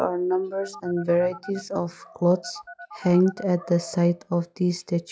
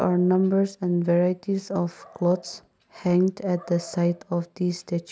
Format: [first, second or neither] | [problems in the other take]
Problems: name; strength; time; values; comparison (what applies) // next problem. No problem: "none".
second | noise reduction (classical method log-MMSE)